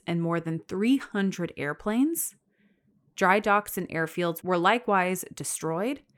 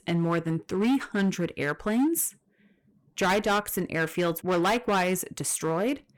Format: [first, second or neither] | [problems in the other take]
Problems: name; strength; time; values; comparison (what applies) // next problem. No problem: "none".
first | distortion; heavy; 10% of the sound clipped